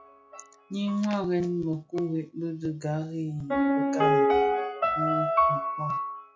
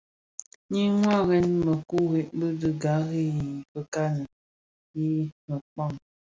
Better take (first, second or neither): second